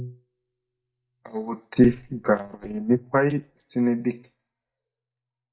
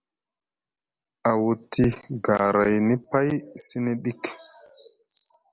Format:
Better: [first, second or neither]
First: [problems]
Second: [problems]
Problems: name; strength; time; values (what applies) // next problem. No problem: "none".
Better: second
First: noise reduction (neural mask model DeepFilterNet 3)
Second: none